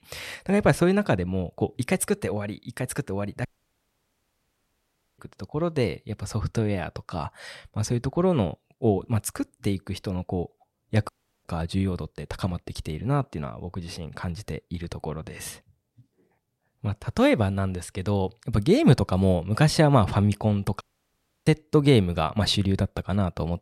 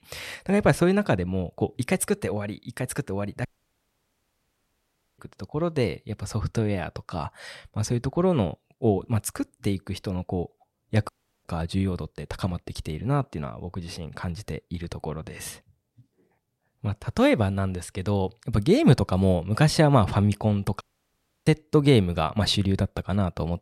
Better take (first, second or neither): neither